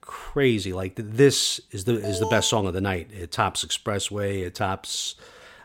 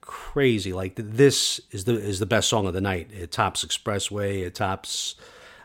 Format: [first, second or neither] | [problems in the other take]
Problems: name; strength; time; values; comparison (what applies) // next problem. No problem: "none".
second | alarm; noticeable; at 2 s; peak 7 dB below the speech